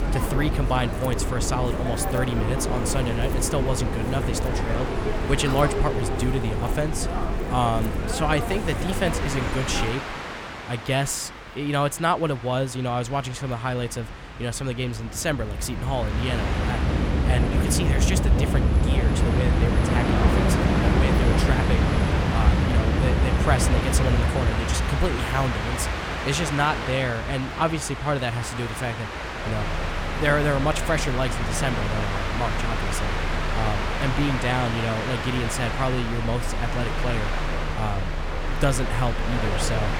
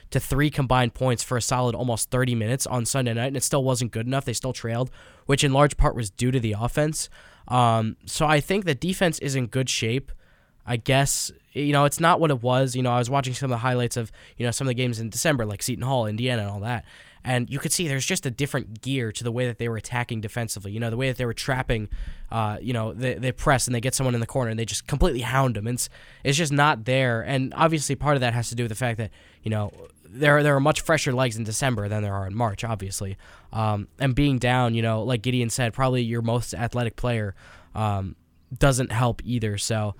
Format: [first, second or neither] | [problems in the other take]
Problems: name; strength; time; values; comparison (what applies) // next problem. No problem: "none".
second | train or aircraft noise; very loud; throughout; 2 dB above the speech